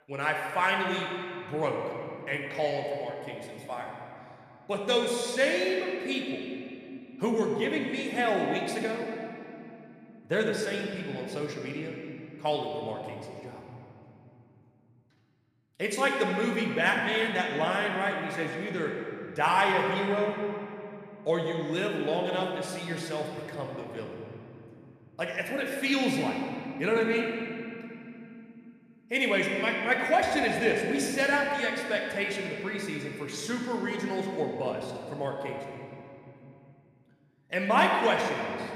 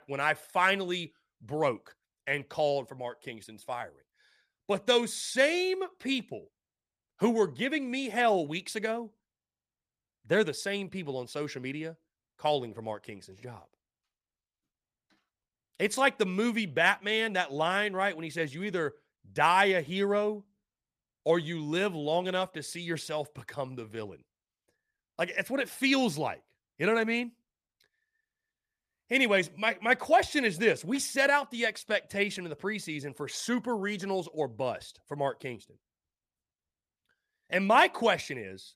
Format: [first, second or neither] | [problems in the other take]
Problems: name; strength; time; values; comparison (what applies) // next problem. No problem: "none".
second | room echo; noticeable; dies away in 2.6 s